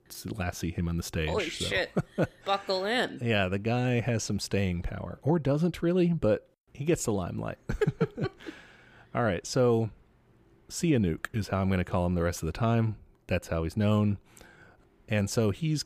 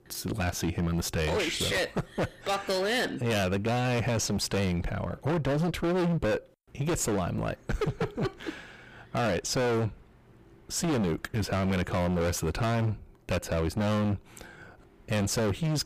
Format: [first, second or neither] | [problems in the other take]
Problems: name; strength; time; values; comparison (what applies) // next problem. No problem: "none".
first | distortion; heavy; 25% of the sound clipped